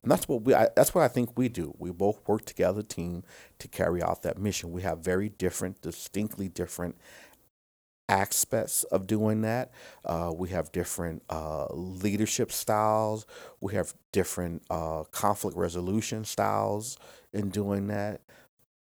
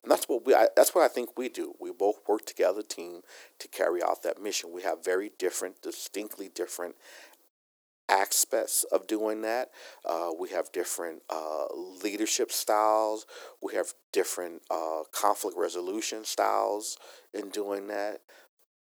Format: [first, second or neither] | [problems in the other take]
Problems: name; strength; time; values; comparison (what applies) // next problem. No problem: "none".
first | thin; very; fading below 300 Hz